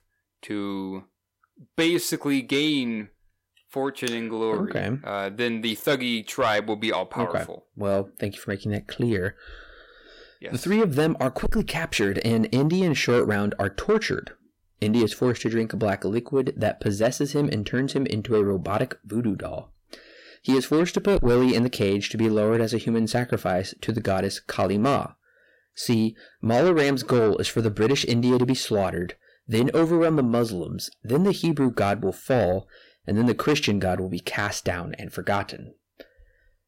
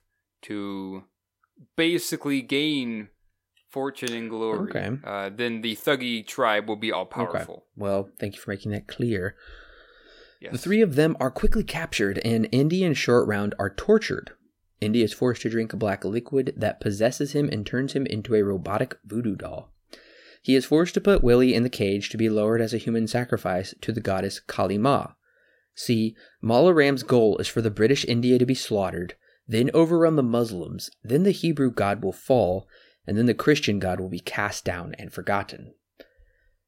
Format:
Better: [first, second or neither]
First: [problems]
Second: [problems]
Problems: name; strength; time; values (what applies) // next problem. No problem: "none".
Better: second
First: distortion; slight; 10 dB below the speech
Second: none